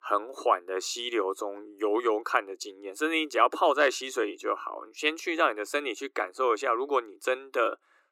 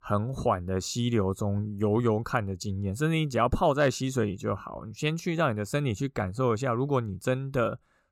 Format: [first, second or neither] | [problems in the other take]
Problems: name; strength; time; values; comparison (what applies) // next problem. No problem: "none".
second | thin; very; fading below 300 Hz